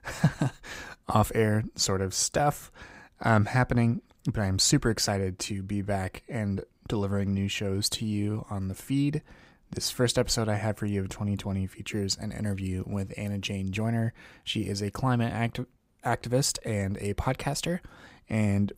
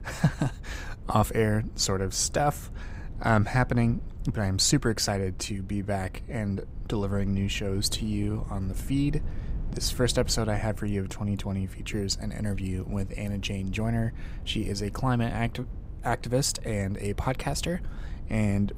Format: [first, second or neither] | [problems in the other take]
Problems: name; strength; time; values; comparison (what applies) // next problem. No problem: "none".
first | wind noise on the microphone; occasional gusts; 20 dB below the speech